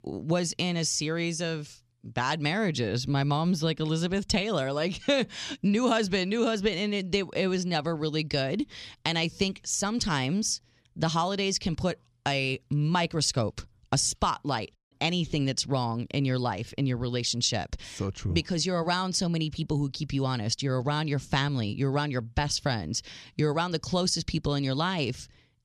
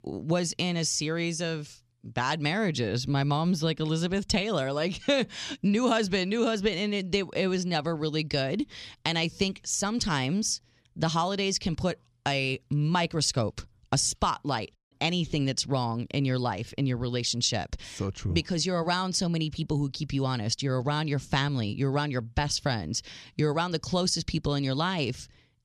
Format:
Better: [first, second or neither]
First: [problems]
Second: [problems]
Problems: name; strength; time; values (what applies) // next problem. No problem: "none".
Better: neither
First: audio cutting out; at 15 s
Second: audio cutting out; at 15 s